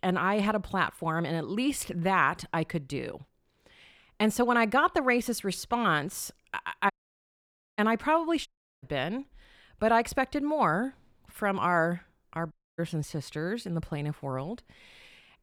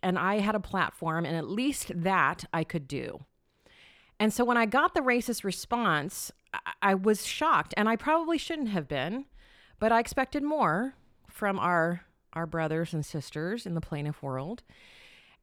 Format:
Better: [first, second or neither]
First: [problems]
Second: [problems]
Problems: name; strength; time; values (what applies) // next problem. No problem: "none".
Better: second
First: audio cutting out; at 7 s for 1 s, at 8.5 s and at 13 s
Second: none